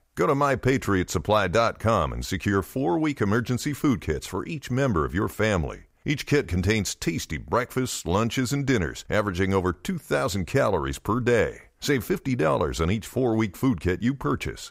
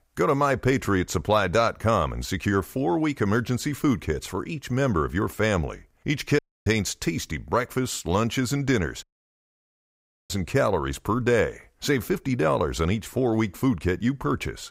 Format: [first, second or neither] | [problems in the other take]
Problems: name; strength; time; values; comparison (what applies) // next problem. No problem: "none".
first | audio cutting out; at 6.5 s and at 9 s for 1.5 s